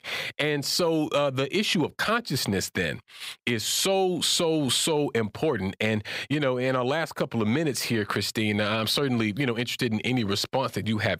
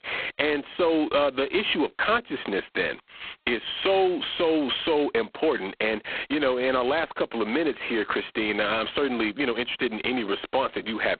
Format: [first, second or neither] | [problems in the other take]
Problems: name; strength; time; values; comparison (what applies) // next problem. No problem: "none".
first | phone-call audio; poor line